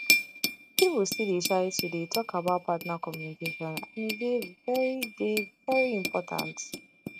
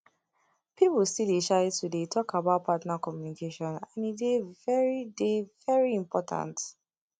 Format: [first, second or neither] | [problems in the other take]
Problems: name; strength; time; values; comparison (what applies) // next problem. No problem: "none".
second | noise reduction (neural mask model RNNoise)